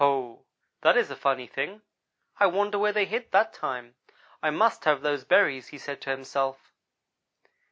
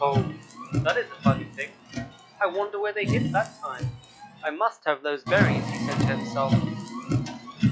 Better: first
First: none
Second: noise reduction (classical method log-MMSE)

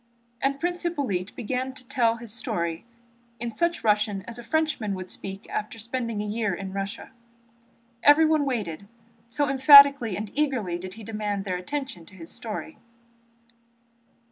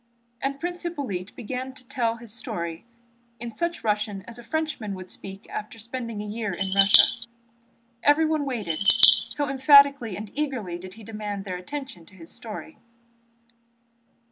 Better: first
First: none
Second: background sound (Bird vocalization, bird call, bird song); 4 dB above the speech

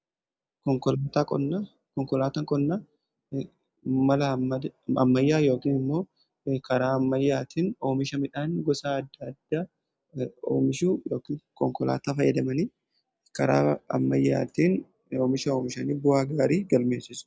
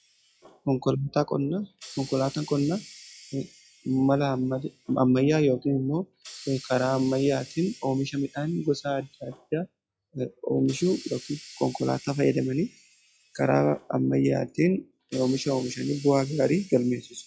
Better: first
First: none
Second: noise reduction (classical method log-MMSE)

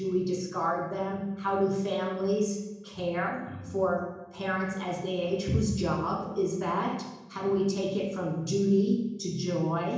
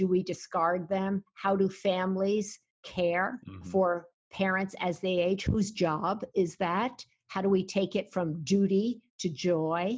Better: second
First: room echo; dies away in 1 s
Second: none

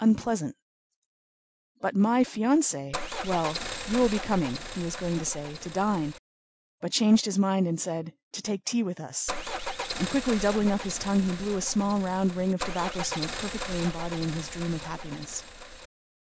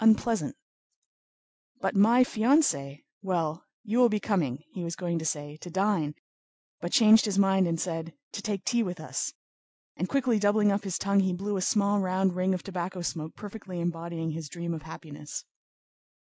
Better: second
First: background sound (Car); 7 dB below the speech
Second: none

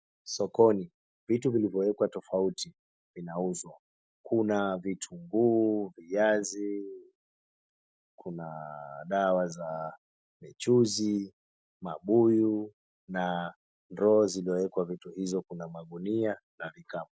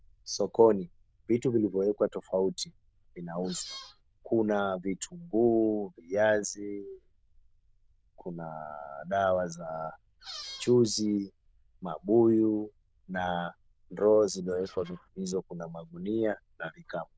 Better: first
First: none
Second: noise reduction (neural diffusion model UNIVERSE++)

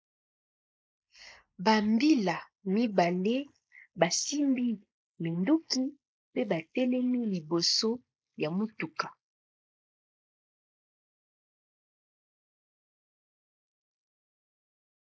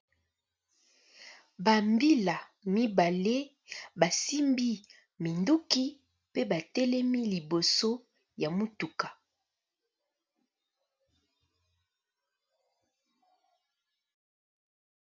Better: second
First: noise reduction (neural mask model Resemble Enhance denoiser)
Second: none

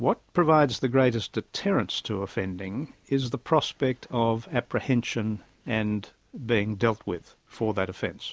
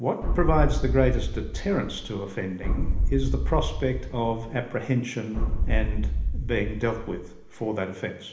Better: first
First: none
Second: background sound (Boom); 2 dB above the speech // room echo; dies away in 1 s

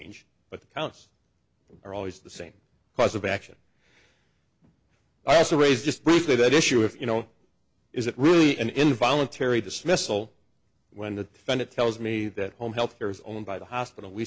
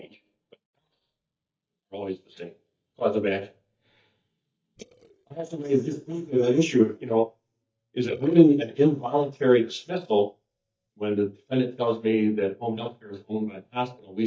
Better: first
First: none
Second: noise reduction (neural mask model DeepFilterNet 3)

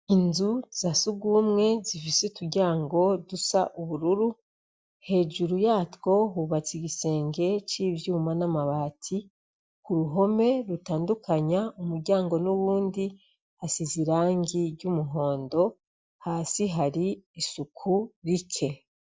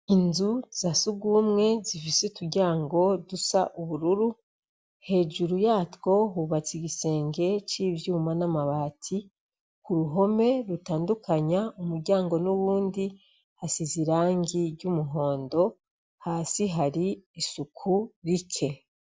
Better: second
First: noise reduction (neural mask model DeepFilterNet 3)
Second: none

